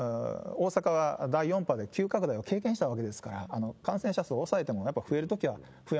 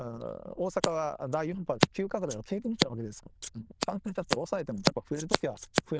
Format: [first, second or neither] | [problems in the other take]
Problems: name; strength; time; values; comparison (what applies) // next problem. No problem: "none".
first | noise reduction (neural diffusion model UNIVERSE++)